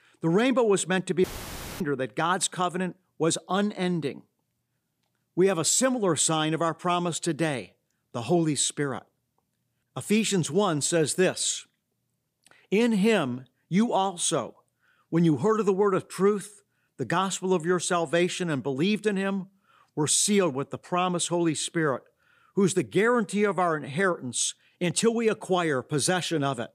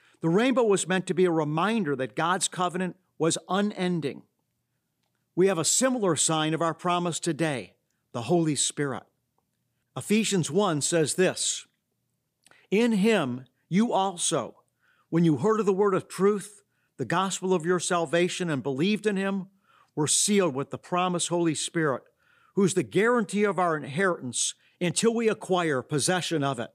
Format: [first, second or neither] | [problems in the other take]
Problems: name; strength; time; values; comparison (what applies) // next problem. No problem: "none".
second | audio cutting out; filled with static; at 1 s for 0.5 s